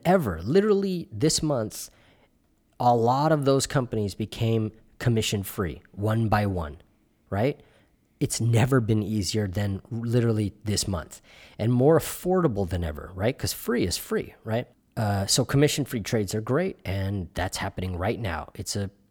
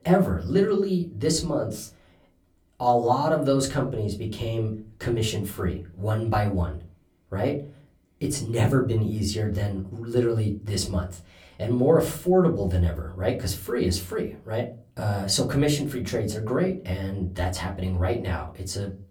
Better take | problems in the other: first | off-mic speech; far // room echo; very slight; dies away in 0.3 s

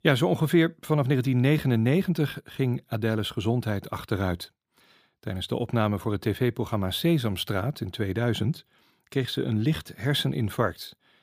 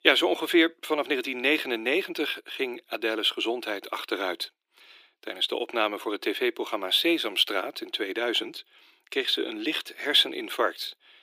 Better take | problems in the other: first | thin; very; fading below 300 Hz

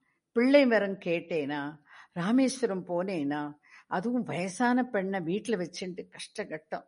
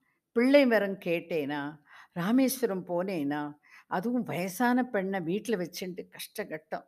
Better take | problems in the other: second | garbled, watery; slightly; nothing above 10.5 kHz

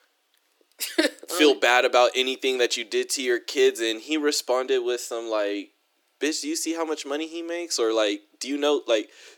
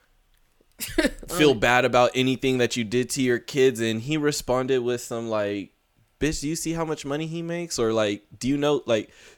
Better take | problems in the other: second | thin; somewhat; fading below 300 Hz

